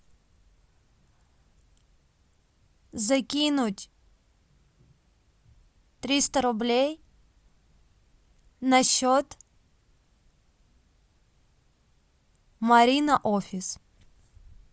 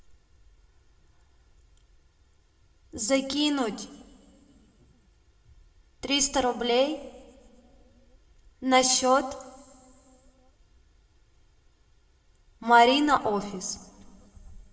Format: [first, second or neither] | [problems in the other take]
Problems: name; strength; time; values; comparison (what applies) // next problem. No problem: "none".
first | room echo; dies away in 0.9 s